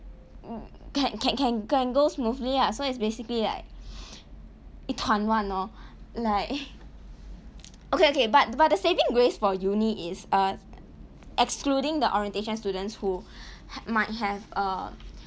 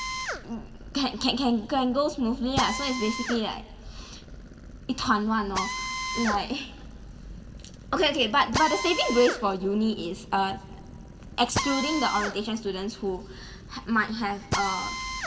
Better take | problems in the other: first | background sound (Drill); 8 dB below the speech // room echo; dies away in 1.3 s

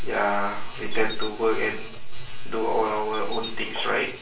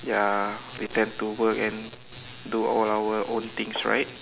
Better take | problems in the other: second | background sound (Chirp, tweet); 19 dB below the speech // room echo; dies away in 0.3 s

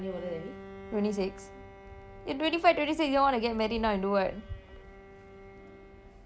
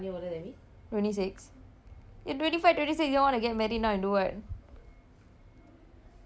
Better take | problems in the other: second | background sound (Bowed string instrument); 18 dB below the speech

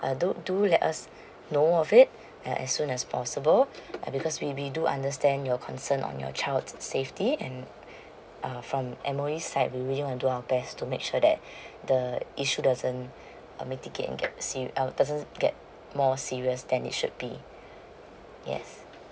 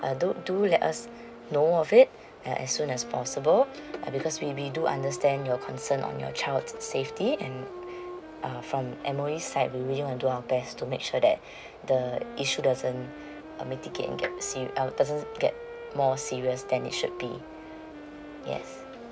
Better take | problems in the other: first | background sound (Wind instrument, woodwind instrument); 14 dB below the speech

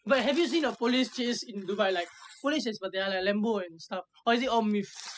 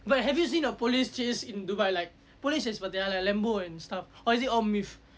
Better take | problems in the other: second | noise reduction (classical method spectral subtraction)

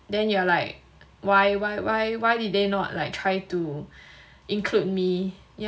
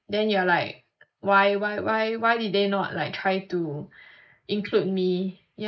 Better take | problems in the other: first | noise reduction (neural mask model Resemble Enhance denoiser)

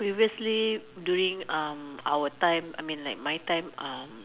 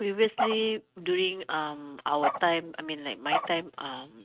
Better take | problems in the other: first | noise reduction (neural mask model RNNoise)

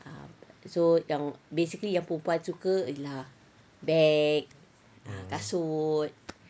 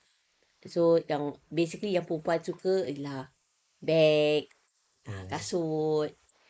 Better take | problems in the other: first | noise reduction (neural mask model Resemble Enhance denoiser)

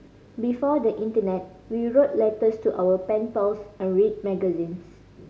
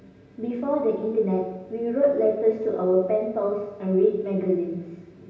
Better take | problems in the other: first | room echo; dies away in 0.9 s

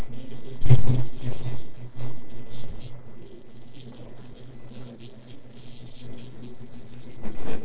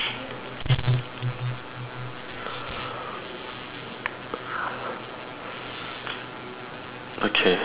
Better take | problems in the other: second | noise reduction (neural separator model SepFormer DNS4)

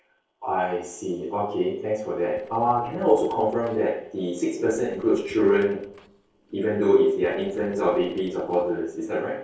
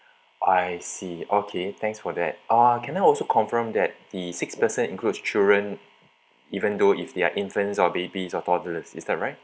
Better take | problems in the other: second | noise reduction (neural separator model SepFormer DNS4)

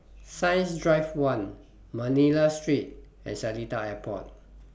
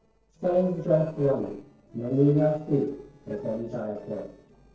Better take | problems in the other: first | noise reduction (neural separator model SepFormer DNS4)

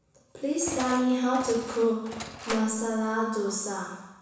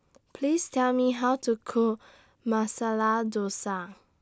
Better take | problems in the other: second | background sound (Engine); 12 dB below the speech // room echo; dies away in 1.1 s

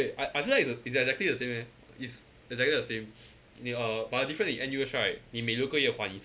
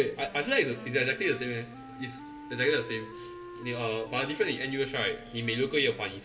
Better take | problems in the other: first | background sound (Wind instrument, woodwind instrument); 15 dB below the speech // room echo; dies away in 1.7 s

